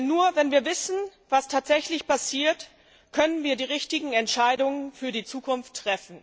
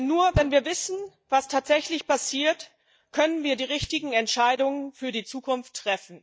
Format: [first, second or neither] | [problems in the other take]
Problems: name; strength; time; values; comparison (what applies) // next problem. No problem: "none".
first | noise reduction (neural mask model DeepFilterNet 3)